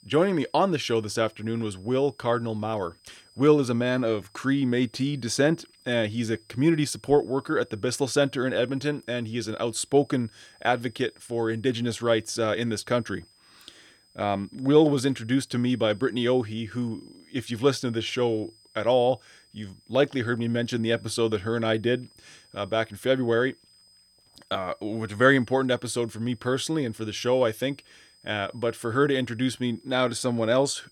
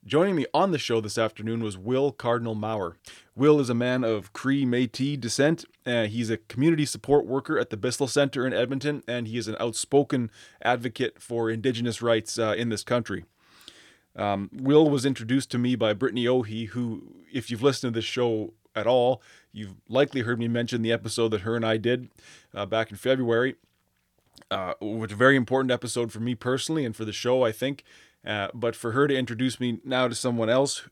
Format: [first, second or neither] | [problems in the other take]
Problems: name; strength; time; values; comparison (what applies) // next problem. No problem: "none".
second | high-pitched whine; faint; throughout; 5 kHz, 30 dB below the speech